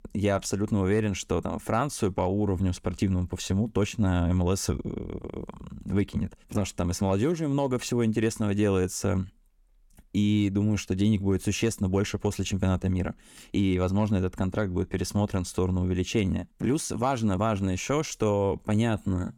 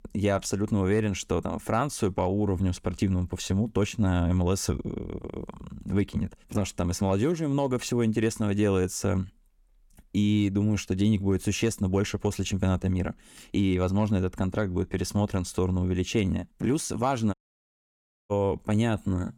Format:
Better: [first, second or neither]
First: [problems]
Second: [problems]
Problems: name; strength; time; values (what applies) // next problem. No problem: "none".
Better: first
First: none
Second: audio cutting out; at 17 s for 1 s